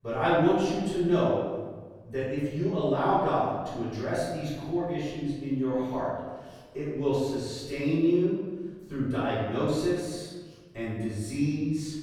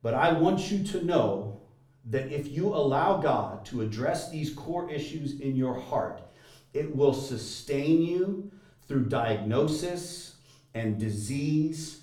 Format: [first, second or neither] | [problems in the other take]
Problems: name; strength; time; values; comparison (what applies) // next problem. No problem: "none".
second | room echo; strong; dies away in 1.3 s; slight in the second // off-mic speech; far; far in the second